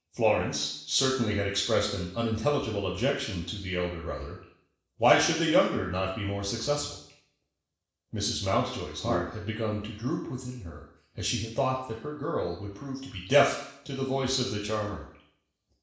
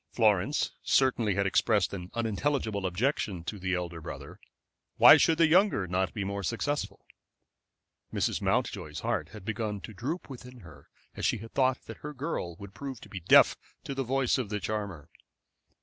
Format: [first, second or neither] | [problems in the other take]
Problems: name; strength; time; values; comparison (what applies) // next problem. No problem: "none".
second | noise reduction (neural separator model SepFormer DNS4)